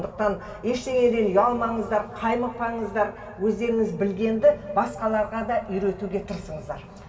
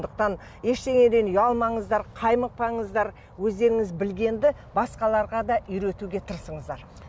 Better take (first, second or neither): second